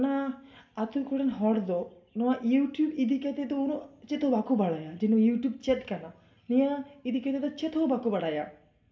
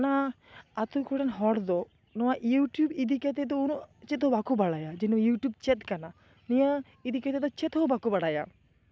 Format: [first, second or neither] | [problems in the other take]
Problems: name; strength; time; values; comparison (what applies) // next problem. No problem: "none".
second | room echo; dies away in 0.5 s